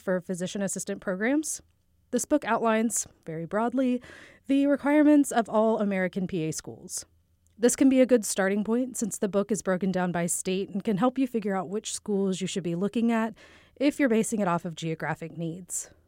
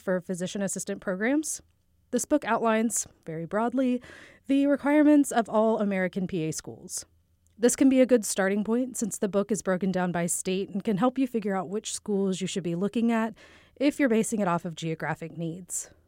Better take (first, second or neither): neither